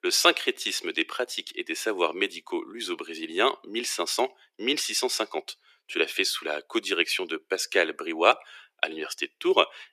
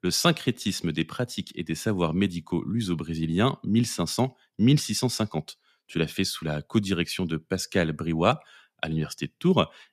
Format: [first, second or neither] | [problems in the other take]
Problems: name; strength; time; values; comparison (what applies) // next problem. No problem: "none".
second | thin; very; fading below 350 Hz